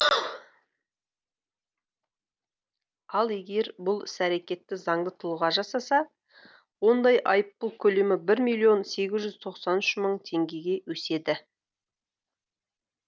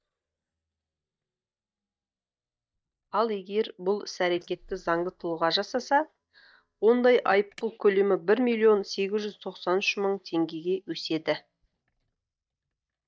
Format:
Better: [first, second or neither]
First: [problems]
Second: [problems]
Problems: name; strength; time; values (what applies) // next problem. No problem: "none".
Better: first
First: none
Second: noise reduction (neural mask model DeepFilterNet 3)